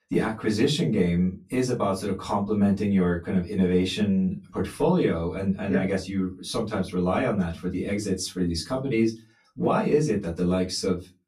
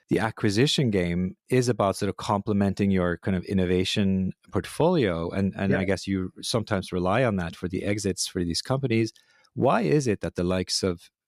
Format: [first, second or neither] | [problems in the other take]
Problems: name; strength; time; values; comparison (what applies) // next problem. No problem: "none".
second | off-mic speech; far // room echo; very slight; dies away in 0.2 s